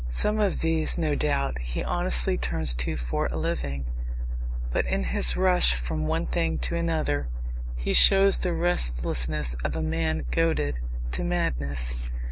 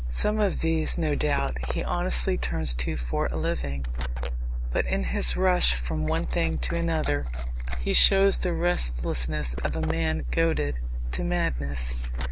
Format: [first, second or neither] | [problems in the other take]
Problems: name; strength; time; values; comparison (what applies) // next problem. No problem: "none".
first | background sound (Liquid); 14 dB below the speech